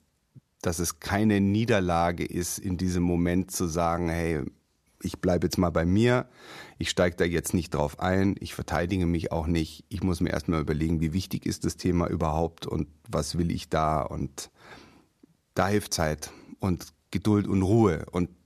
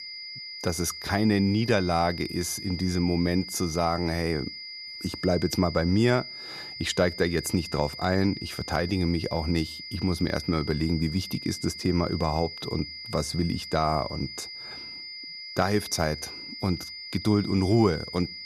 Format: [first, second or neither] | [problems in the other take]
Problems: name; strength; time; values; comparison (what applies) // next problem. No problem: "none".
first | high-pitched whine; loud; throughout; 5 kHz, 10 dB below the speech